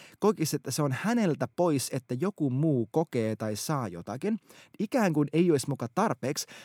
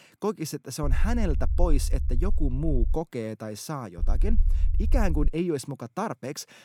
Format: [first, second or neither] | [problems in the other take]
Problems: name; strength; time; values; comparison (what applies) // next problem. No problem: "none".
first | low rumble; noticeable; from 1 to 3 s and from 4 to 5.5 s; 15 dB below the speech